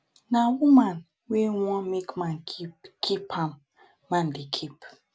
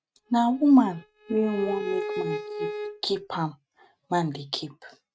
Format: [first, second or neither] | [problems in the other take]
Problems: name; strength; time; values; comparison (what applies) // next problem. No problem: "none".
first | noise reduction (neural mask model RNNoise)